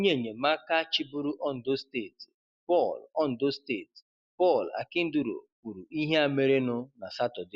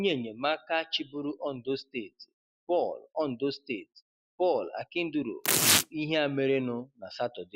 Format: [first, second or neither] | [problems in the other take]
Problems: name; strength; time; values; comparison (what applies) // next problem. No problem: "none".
first | background sound (Tearing); 4 dB above the speech